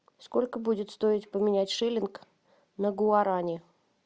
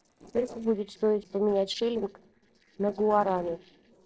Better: first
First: none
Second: noise reduction (neural separator model SepFormer DNS4)

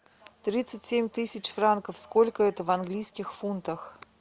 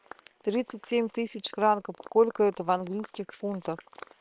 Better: first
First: none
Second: noise reduction (neural separator model SepFormer WHAM!)

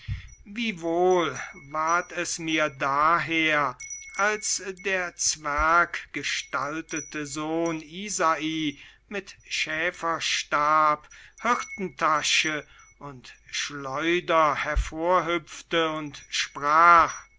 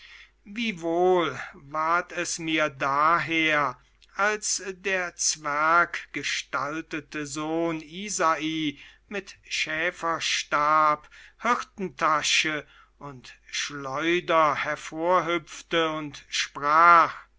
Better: second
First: background sound (Wind chime); 17 dB below the speech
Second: none

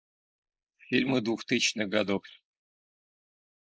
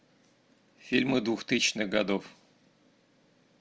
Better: second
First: noise reduction (neural mask model Resemble Enhance denoiser)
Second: none

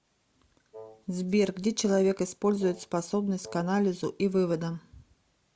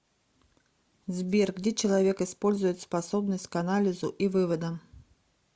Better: second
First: background sound (Wind instrument, woodwind instrument); 20 dB below the speech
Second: none

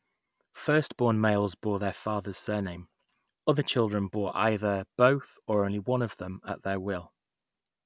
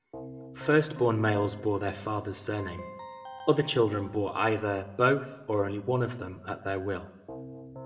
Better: first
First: none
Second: background sound (Keyboard (musical)); 17 dB below the speech // room echo; dies away in 0.6 s

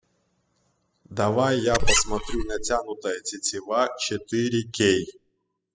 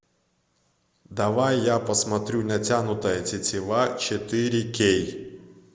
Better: second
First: noise reduction (classical method spectral subtraction)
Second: none

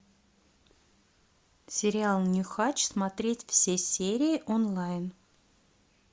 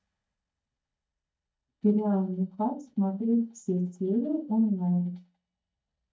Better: first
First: none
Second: noise reduction (neural mask model DeepFilterNet 3)

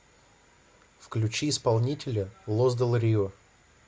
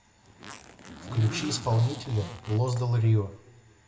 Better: first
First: none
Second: background sound (Zipper (clothing)); 13 dB below the speech // room echo; dies away in 0.6 s

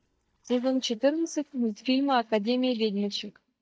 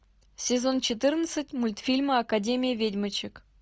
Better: second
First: noise reduction (neural mask model DeepFilterNet 3)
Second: none

